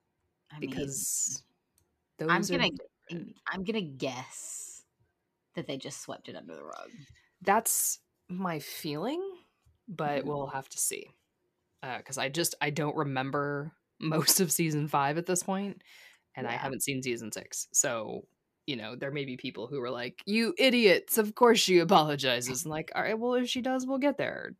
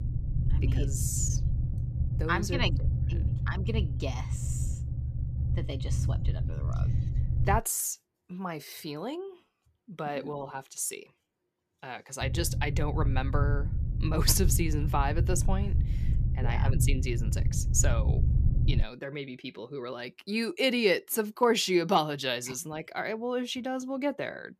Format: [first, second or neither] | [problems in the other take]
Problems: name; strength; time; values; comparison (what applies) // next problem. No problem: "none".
first | low rumble; noticeable; until 7.5 s and from 12 to 19 s; 10 dB below the speech